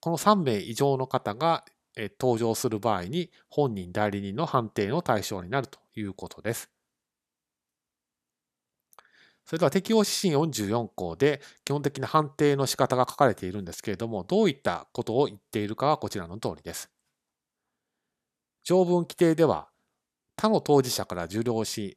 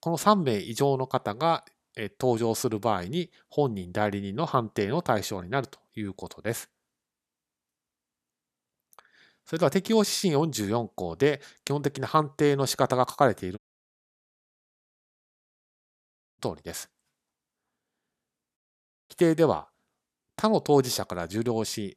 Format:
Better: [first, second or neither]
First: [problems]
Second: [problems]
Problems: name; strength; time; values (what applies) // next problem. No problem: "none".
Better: first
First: none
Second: audio cutting out; at 14 s for 3 s and at 19 s for 0.5 s